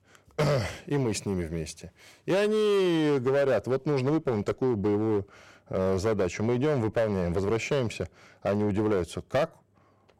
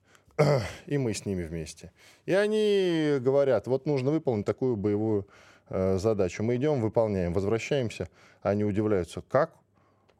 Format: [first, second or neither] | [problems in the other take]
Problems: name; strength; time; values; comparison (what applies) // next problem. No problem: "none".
second | distortion; slight; 10% of the sound clipped